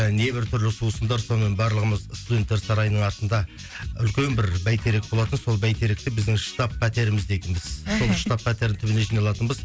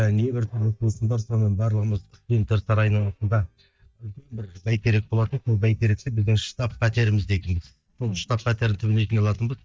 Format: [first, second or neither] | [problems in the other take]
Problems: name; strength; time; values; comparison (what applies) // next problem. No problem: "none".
first | noise reduction (neural mask model DeepFilterNet 3)